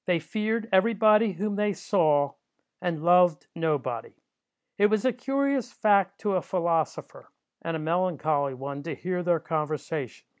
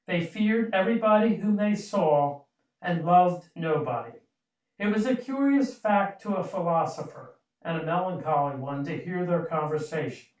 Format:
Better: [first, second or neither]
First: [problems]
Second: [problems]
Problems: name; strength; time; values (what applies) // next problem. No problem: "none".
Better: first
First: none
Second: room echo; dies away in 0.2 s